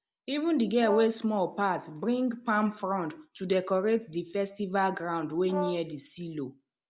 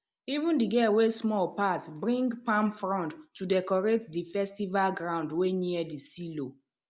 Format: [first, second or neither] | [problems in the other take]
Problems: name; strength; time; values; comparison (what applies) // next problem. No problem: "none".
second | background sound (Brass instrument); 9 dB below the speech